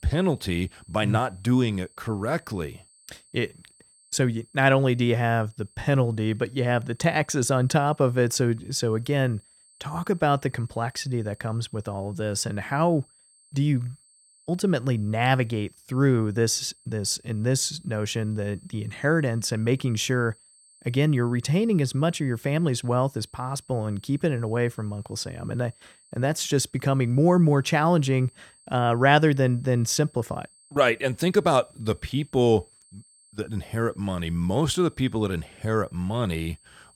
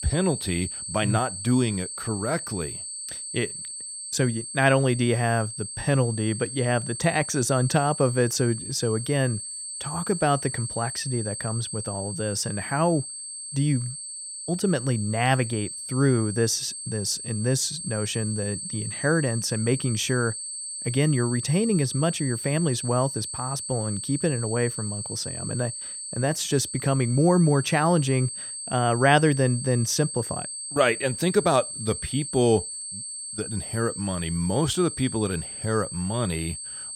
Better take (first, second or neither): first